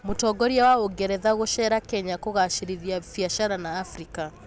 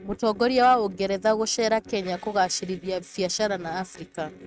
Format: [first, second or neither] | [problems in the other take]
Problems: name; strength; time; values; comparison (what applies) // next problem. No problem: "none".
first | noise reduction (neural mask model RNNoise)